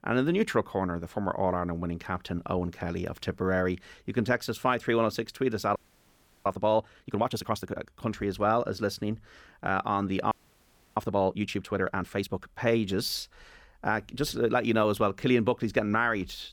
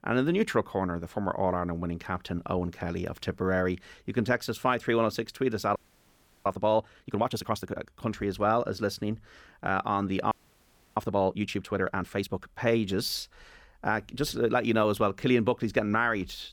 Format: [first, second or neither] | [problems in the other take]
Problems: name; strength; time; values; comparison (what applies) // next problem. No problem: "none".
neither | audio freezing; at 6 s for 0.5 s and at 10 s for 0.5 s; the same in both